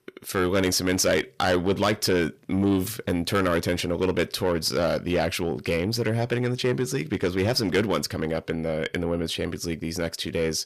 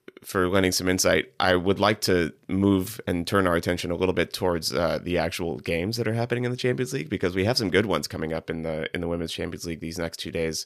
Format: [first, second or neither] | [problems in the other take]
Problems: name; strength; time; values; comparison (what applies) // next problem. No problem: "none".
second | distortion; slight; 10 dB below the speech